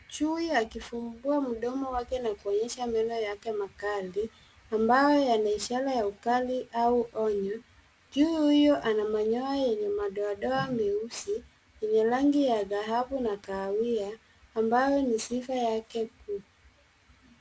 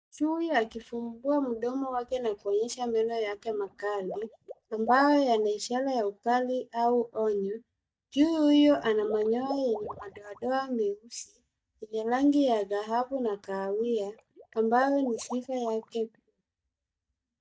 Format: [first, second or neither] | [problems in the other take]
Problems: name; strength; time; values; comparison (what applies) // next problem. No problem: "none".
first | noise reduction (neural mask model DeepFilterNet 3)